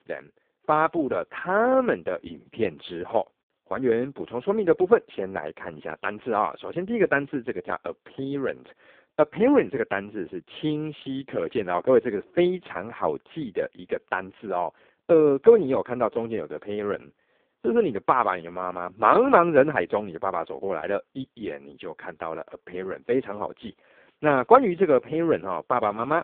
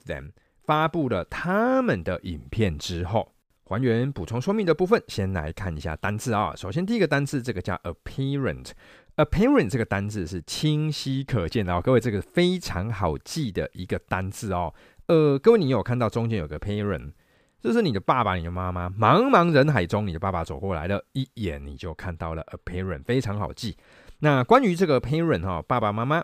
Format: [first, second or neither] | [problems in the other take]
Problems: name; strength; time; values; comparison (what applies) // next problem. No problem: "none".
second | phone-call audio; poor line